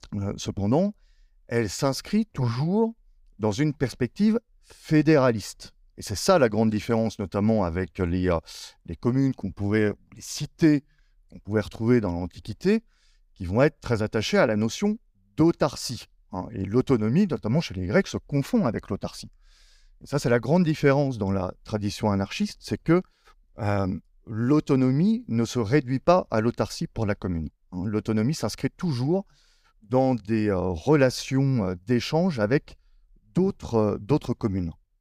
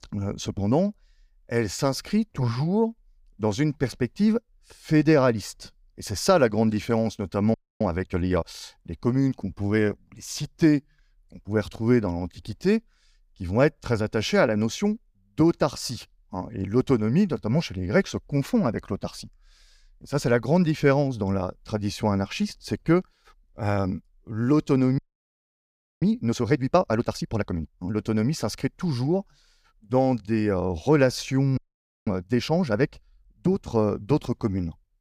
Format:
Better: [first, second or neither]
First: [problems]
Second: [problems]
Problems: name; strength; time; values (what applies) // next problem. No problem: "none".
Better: first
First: none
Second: audio freezing; at 7.5 s, at 25 s for 1 s and at 32 s for 0.5 s